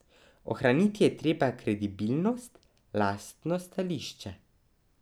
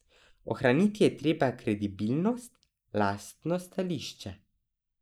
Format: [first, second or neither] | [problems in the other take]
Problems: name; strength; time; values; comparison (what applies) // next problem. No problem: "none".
first | noise reduction (neural mask model Resemble Enhance denoiser)